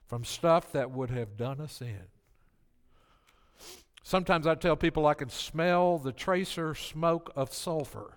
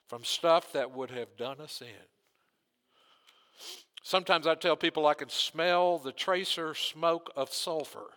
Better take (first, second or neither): first